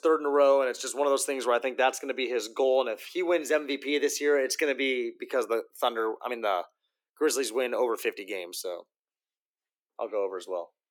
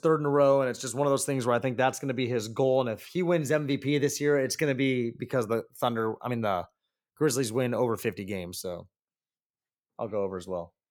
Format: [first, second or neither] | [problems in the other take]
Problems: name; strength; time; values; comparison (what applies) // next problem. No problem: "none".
second | thin; somewhat; fading below 300 Hz